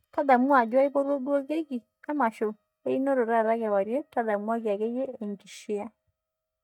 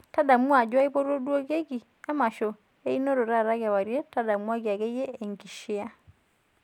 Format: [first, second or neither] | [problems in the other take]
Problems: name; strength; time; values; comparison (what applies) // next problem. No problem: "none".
second | noise reduction (neural mask model DeepFilterNet 3)